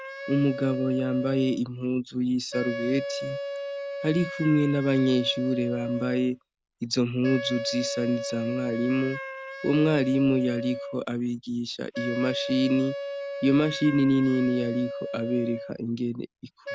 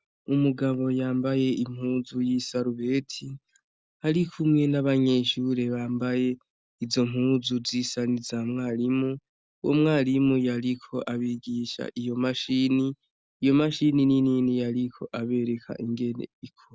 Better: second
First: background sound (Wind instrument, woodwind instrument); 9 dB below the speech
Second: none

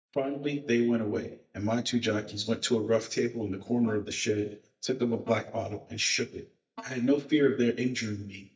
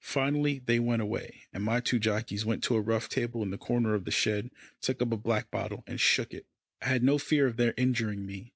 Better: second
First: noise reduction (neural mask model DeepFilterNet 3)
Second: none

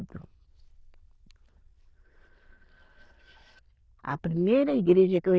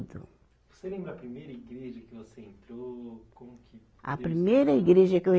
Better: second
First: noise reduction (neural diffusion model UNIVERSE++)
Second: none

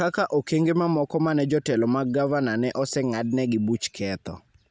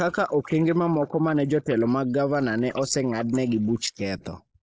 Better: first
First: none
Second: noise reduction (neural mask model Resemble Enhance denoiser)

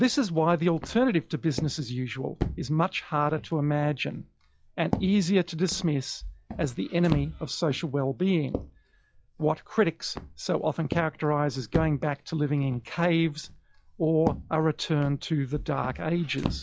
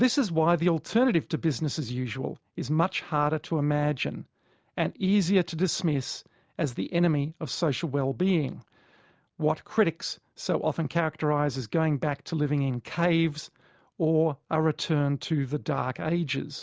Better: second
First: noise reduction (classical method log-MMSE)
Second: none

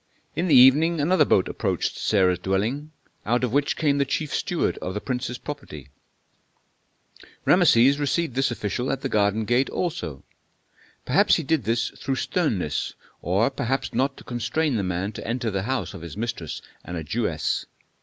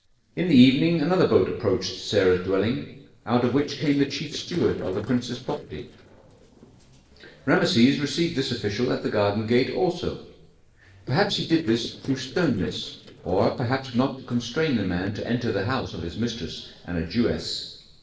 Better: first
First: none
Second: noise reduction (neural separator model SepFormer DNS4)

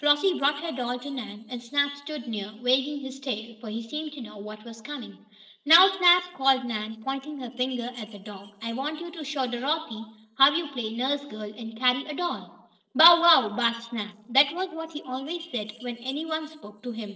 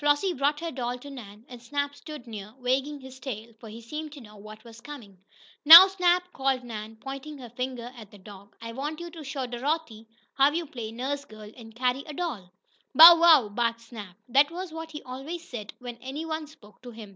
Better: second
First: noise reduction (neural separator model SepFormer DNS4)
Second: none

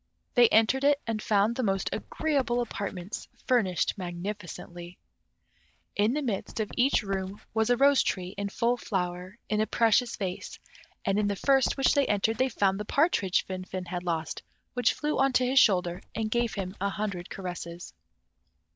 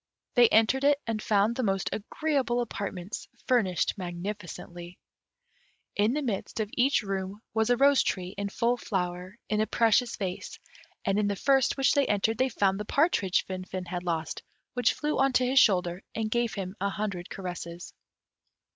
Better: second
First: background sound (Run); 20 dB below the speech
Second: none

